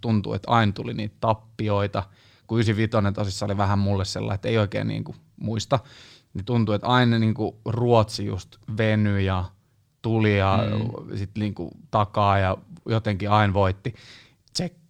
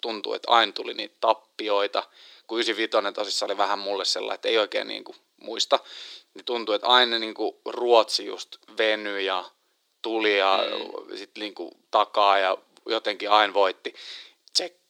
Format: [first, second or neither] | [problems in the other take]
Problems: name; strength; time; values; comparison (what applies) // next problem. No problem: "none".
first | thin; very; fading below 350 Hz